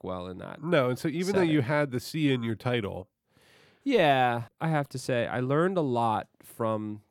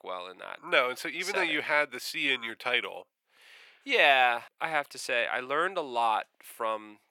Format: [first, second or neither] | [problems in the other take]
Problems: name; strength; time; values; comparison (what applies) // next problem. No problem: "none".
first | thin; very; fading below 650 Hz